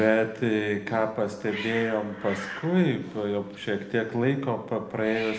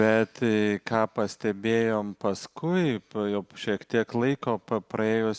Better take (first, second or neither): second